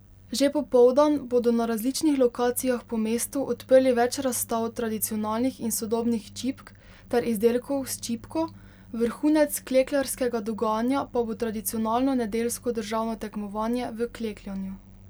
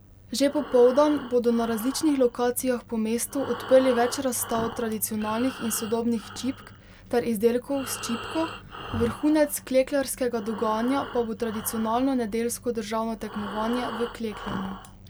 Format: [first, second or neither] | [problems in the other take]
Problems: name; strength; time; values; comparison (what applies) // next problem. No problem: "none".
first | background sound (Breathing); 14 dB below the speech